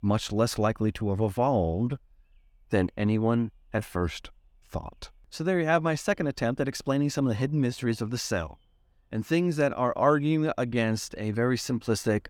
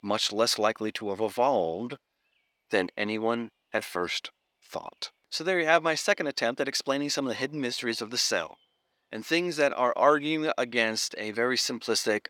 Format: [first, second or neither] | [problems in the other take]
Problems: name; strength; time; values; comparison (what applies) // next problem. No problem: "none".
first | thin; somewhat; fading below 400 Hz